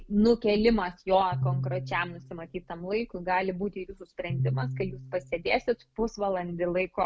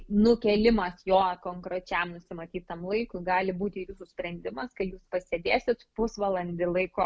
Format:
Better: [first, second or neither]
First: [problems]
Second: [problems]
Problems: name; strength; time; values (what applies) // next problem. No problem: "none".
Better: second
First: background sound (Piano); 6 dB below the speech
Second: none